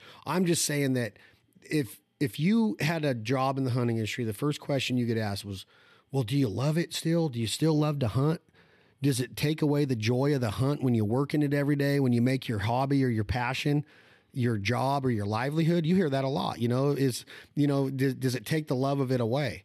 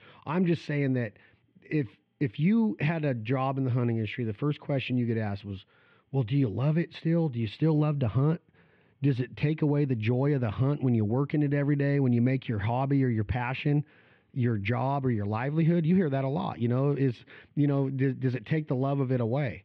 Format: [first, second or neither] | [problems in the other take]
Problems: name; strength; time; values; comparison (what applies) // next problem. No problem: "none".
first | muffled; very; fading above 3 kHz